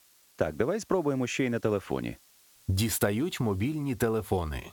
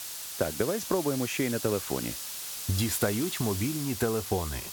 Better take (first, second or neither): first